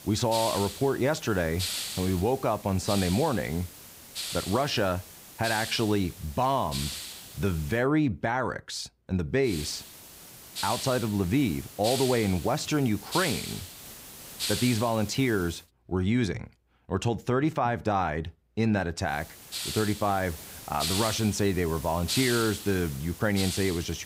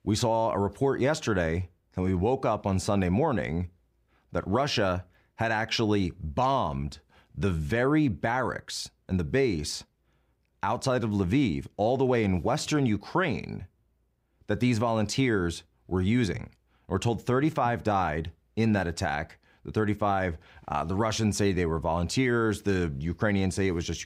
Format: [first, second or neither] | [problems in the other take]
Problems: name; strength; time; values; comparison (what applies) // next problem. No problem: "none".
second | hiss; loud; until 8 s, from 9.5 to 16 s and from 19 s on; 7 dB below the speech